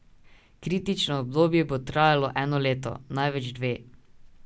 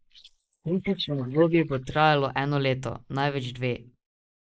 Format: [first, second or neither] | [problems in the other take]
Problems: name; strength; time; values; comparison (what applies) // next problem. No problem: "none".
first | noise reduction (neural mask model Resemble Enhance denoiser)